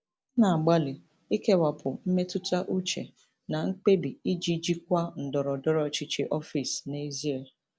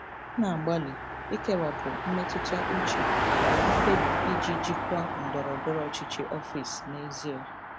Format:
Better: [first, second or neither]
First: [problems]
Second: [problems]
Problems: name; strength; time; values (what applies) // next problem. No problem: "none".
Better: first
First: none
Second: background sound (Car passing by); 3 dB above the speech